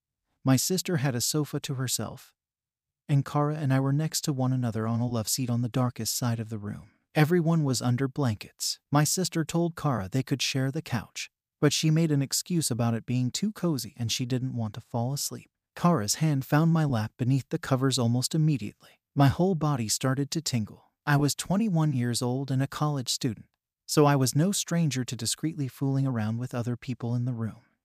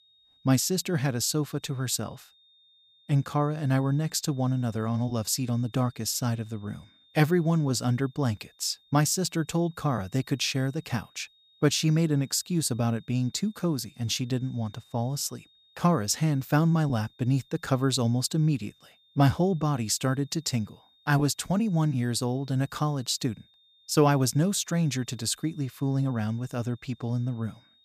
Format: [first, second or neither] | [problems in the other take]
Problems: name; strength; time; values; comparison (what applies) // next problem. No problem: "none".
first | high-pitched whine; faint; throughout; 3.5 kHz, 30 dB below the speech